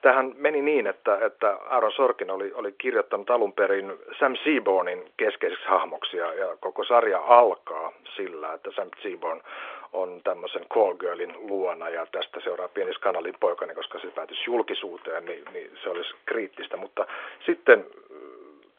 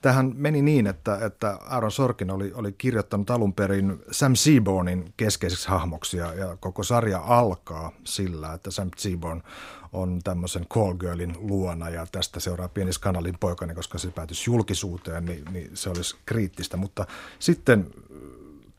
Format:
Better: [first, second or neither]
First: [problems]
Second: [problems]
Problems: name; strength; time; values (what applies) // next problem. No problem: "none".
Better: second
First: phone-call audio; nothing above 3.5 kHz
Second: none